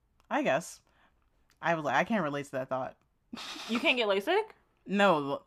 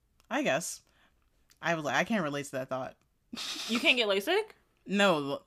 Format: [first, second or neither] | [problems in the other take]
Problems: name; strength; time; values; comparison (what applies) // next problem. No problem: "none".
second | muffled; slightly; fading above 3 kHz